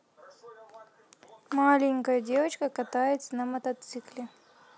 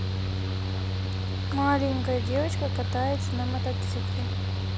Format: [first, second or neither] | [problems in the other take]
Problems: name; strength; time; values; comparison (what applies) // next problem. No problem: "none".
first | background sound (Mechanical fan); 4 dB above the speech